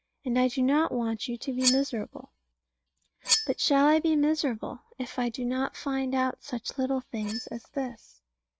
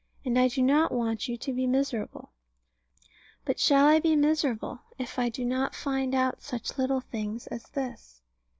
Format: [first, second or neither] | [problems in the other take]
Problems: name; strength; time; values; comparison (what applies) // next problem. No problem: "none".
second | noise reduction (neural mask model RNNoise)